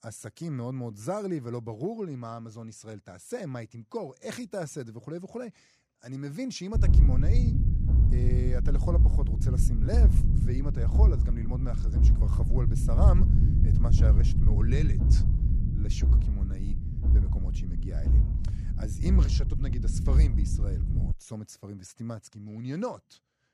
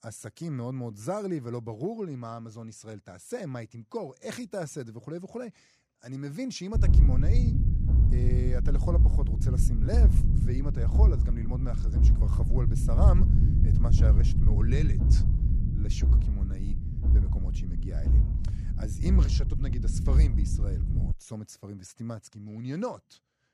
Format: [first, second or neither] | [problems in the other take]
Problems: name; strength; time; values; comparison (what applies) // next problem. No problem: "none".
neither | low rumble; loud; from 7 to 21 s; 2 dB below the speech; the same in both